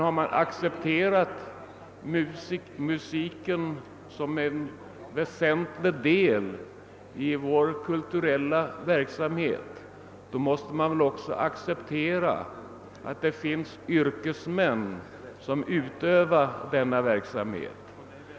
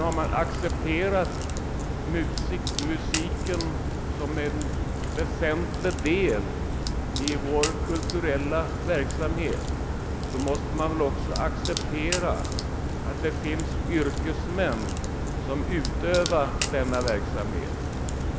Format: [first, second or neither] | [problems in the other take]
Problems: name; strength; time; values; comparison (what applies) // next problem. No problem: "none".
first | background sound (Crack); 1 dB above the speech